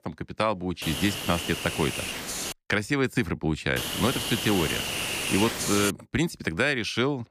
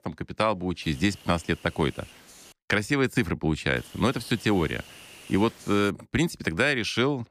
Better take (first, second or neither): second